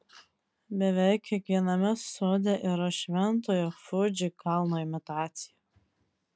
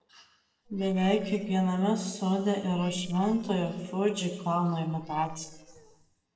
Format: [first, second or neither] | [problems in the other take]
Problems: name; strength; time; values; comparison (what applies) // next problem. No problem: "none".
first | noise reduction (neural separator model SepFormer DNS4)